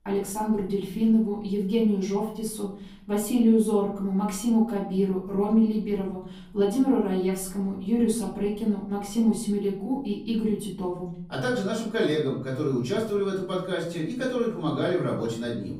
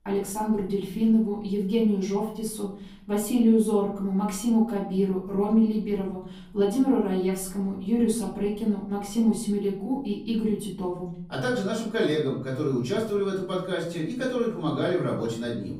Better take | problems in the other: neither | off-mic speech; far; the same in both // room echo; noticeable; dies away in 0.9 s; the same in both

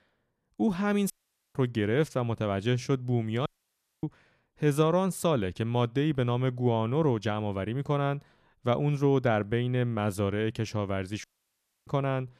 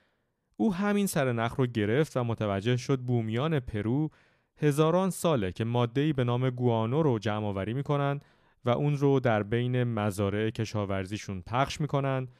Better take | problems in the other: second | audio cutting out; at 1 s, at 3.5 s for 0.5 s and at 11 s for 0.5 s

